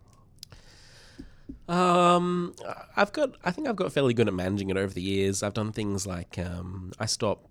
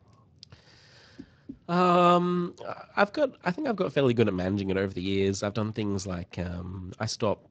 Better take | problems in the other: first | garbled, watery; slightly; nothing above 7.5 kHz

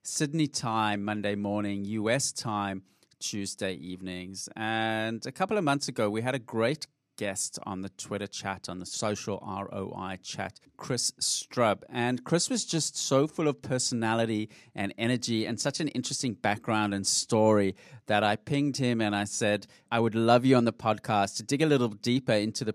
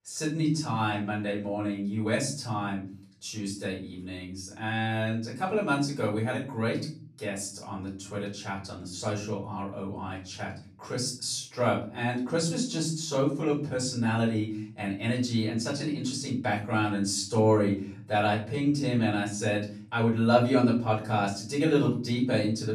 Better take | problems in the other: first | off-mic speech; far // room echo; slight; dies away in 0.6 s

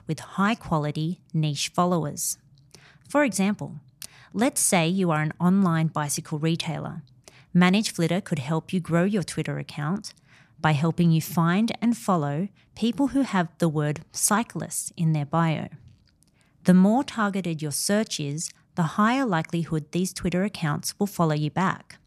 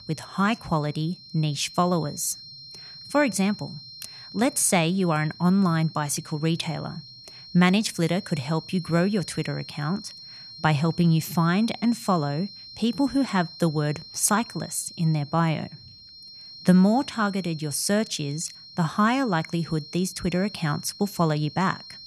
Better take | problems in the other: first | high-pitched whine; noticeable; throughout; 4 kHz, 15 dB below the speech

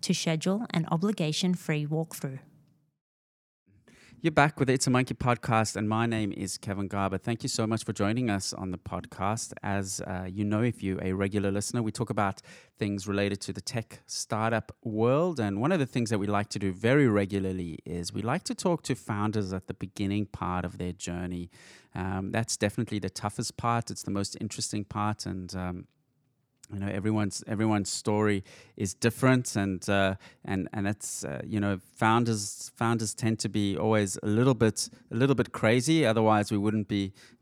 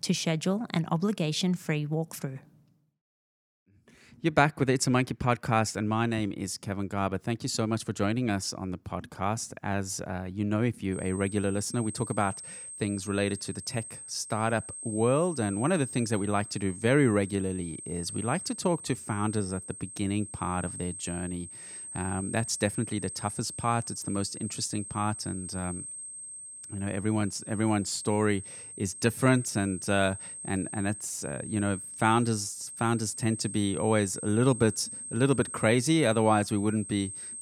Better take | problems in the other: first | high-pitched whine; loud; from 11 s on; 8.5 kHz, 10 dB below the speech

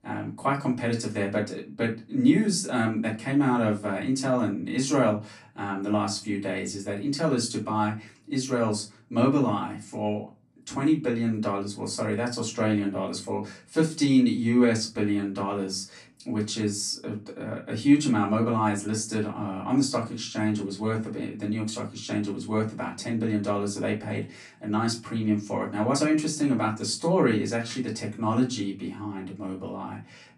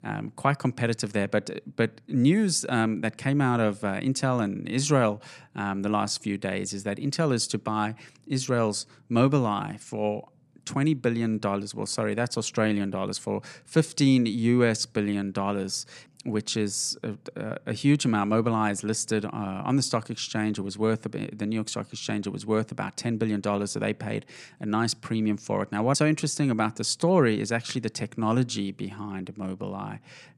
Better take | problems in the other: second | off-mic speech; far // room echo; very slight; dies away in 0.2 s

